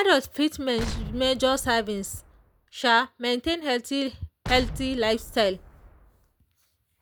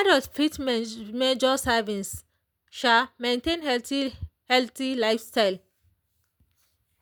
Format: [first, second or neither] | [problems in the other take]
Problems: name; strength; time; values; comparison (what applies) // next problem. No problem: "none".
second | background sound (Explosion); 11 dB below the speech